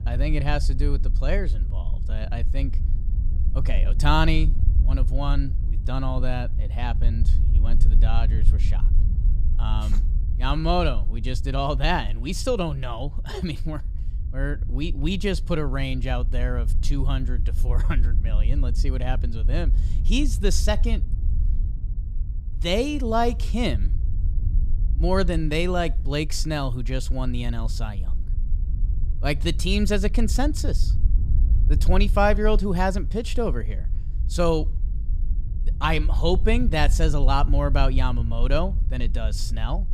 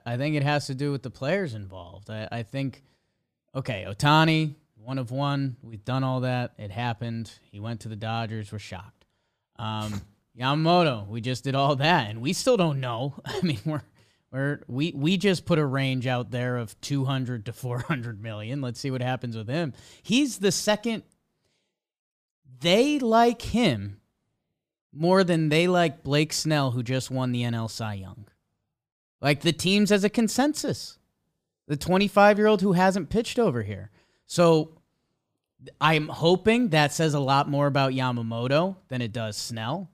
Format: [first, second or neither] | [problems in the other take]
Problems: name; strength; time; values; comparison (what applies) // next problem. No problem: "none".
second | wind noise on the microphone; occasional gusts; 20 dB below the speech